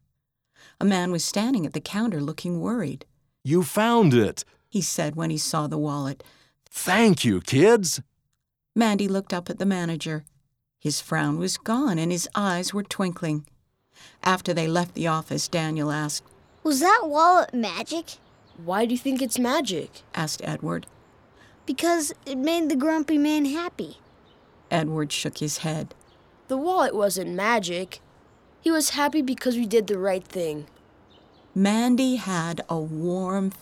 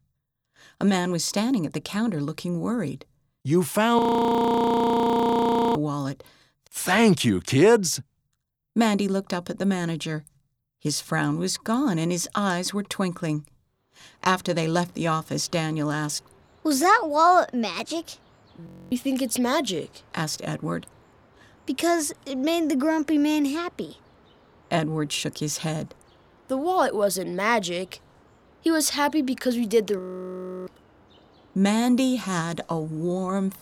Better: first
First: none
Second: audio freezing; at 4 s for 2 s, at 19 s and at 30 s for 0.5 s

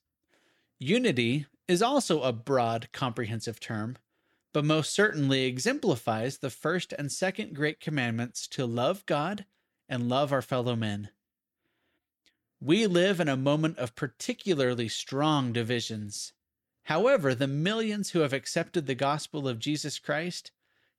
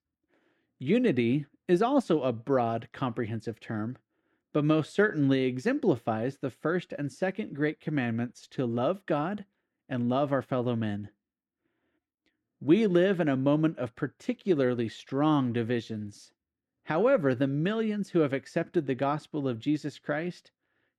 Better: first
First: none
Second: muffled; slightly; fading above 3 kHz

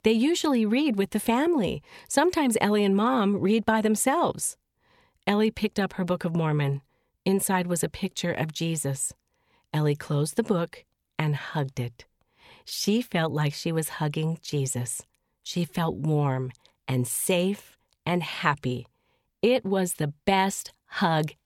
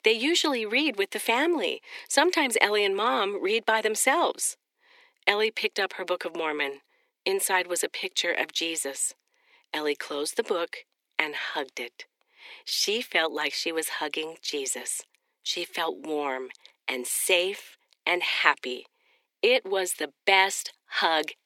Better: first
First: none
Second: thin; very; fading below 300 Hz

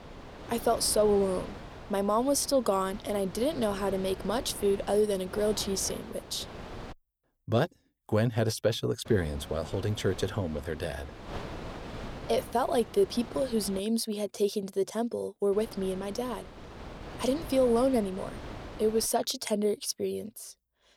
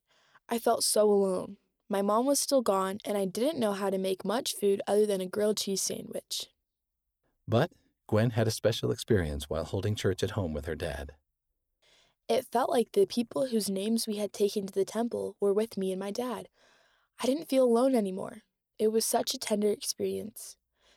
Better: second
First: wind noise on the microphone; occasional gusts; until 7 s, from 9 to 14 s and from 16 to 19 s; 15 dB below the speech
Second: none

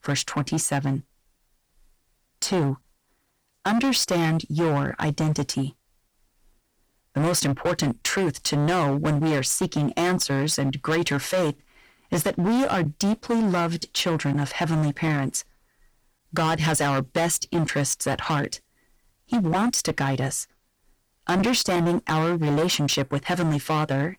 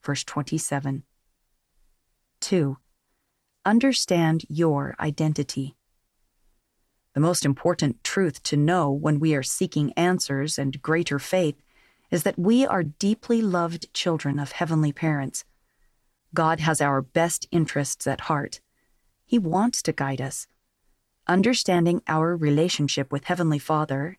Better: second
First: distortion; heavy; 17% of the sound clipped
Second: none

